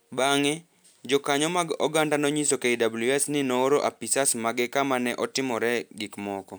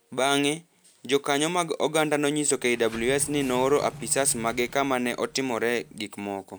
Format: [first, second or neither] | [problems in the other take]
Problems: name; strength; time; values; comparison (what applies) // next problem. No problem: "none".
first | background sound (Sliding door); 18 dB below the speech